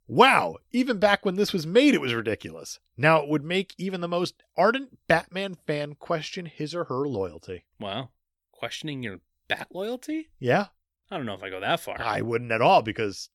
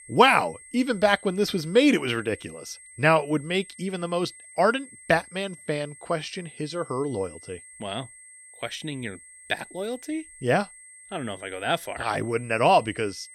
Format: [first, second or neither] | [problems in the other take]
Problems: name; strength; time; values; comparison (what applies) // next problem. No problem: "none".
first | high-pitched whine; noticeable; throughout; 8.5 kHz, 20 dB below the speech